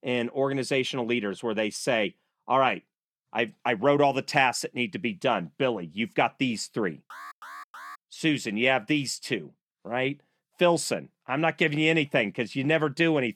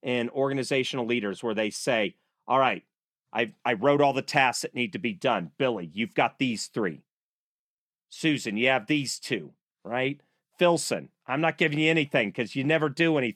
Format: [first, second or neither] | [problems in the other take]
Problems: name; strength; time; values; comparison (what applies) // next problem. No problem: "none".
second | alarm; faint; at 7 s; peak 15 dB below the speech